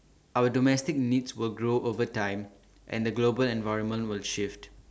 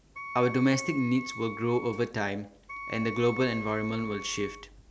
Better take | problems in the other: first | background sound (Wind instrument, woodwind instrument); 11 dB below the speech

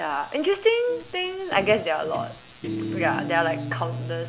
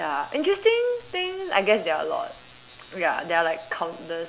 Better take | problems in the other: second | background sound (Guitar); 8 dB below the speech

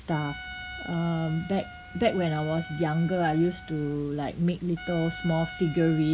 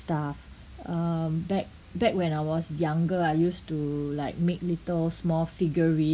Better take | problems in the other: second | background sound (Trumpet); 15 dB below the speech

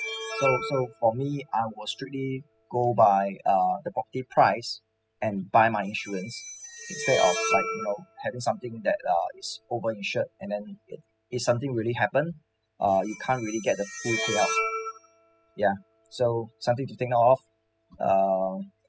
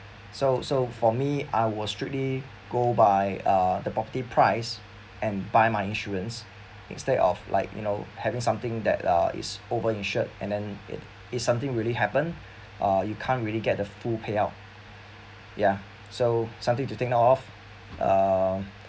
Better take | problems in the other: second | noise reduction (classical method spectral subtraction)

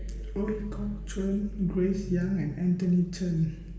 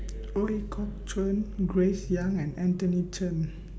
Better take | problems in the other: second | room echo; dies away in 0.8 s

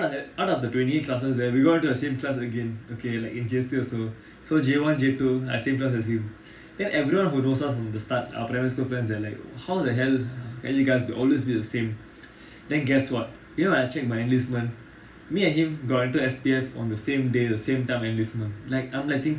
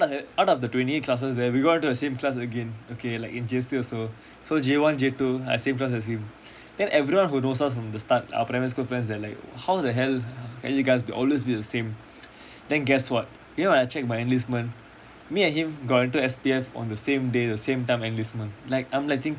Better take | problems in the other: second | room echo; dies away in 0.4 s

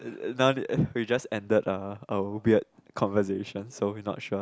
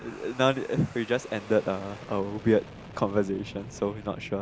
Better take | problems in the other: first | background sound (Fixed-wing aircraft, airplane); 16 dB below the speech

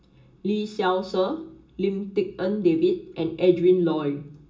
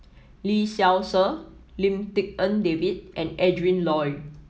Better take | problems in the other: second | room echo; dies away in 0.2 s

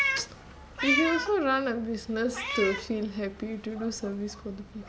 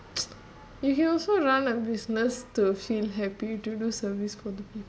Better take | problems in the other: second | background sound (Meow); 4 dB below the speech

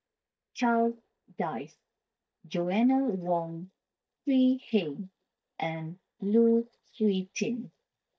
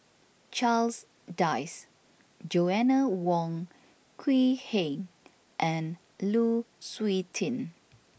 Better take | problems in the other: second | noise reduction (neural mask model DeepFilterNet 3)

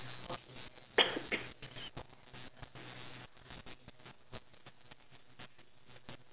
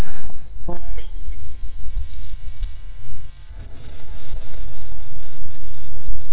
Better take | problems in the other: first | noise reduction (neural mask model DeepFilterNet 3)

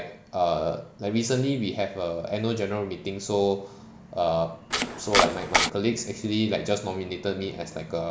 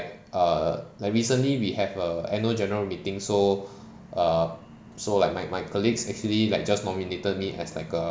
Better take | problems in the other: second | background sound (Domestic sounds, home sounds); 3 dB above the speech

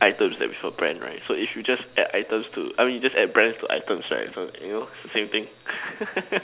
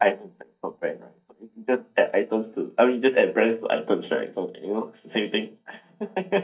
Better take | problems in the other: first | noise reduction (neural mask model DeepFilterNet 3)

